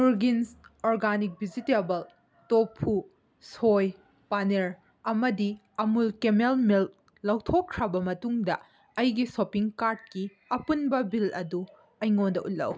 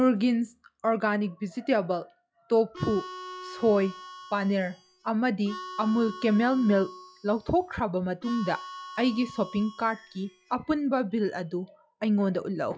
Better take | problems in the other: first | noise reduction (classical method log-MMSE)

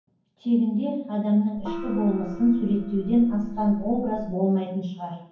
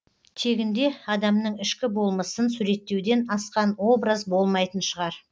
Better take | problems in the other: second | background sound (Gong); 11 dB below the speech // room echo; dies away in 0.9 s

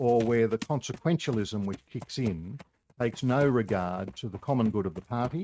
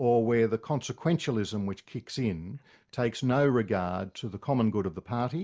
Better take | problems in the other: second | noise reduction (neural mask model RNNoise)

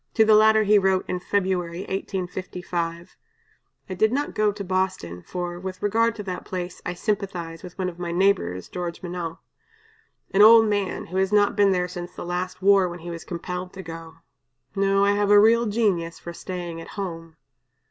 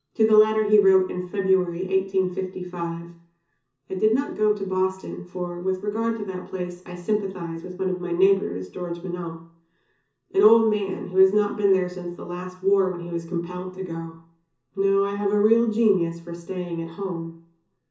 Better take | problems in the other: first | room echo; dies away in 0.6 s

